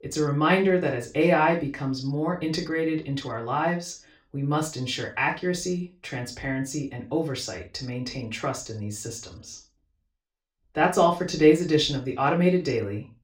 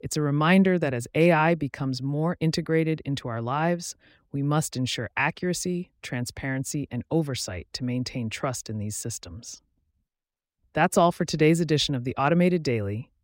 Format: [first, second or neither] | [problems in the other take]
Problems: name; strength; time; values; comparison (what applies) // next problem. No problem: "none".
second | room echo; slight; dies away in 0.3 s // off-mic speech; far